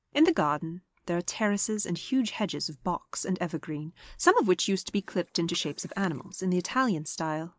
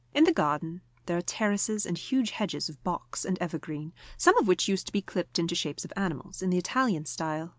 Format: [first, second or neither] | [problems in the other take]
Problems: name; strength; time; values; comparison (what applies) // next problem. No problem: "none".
second | noise reduction (neural mask model Resemble Enhance denoiser)